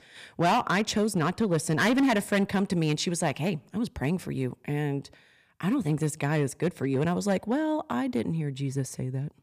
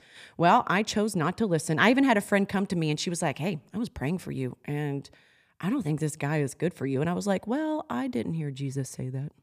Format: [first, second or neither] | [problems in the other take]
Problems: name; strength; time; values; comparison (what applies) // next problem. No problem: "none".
second | distortion; slight; 5% of the sound clipped